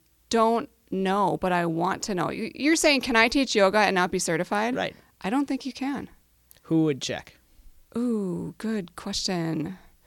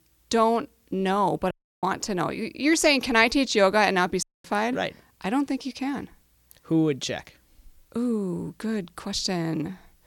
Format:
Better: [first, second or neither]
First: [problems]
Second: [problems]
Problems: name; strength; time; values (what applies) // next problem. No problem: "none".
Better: first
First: none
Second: audio cutting out; at 1.5 s and at 4 s